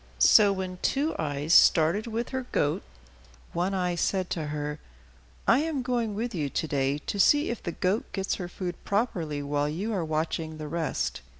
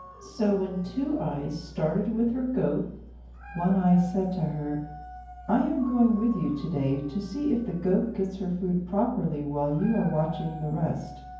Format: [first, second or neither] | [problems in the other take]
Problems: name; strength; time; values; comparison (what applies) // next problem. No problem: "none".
first | background sound (Dog); 20 dB below the speech // room echo; dies away in 0.9 s